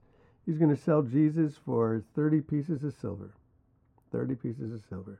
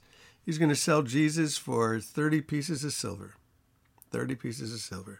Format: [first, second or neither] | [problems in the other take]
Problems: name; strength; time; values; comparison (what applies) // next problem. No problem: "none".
second | muffled; very; fading above 2 kHz